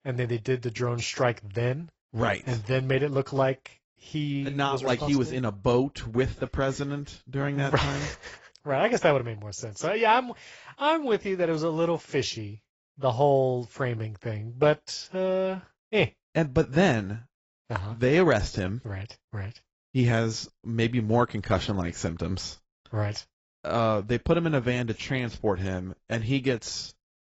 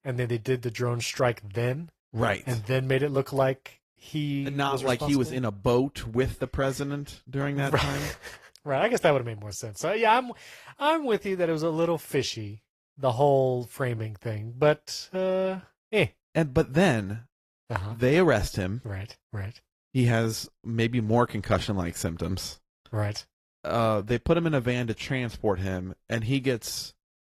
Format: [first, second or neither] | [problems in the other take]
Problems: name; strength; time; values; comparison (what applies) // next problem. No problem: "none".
second | garbled, watery; badly; nothing above 7.5 kHz; slightly in the second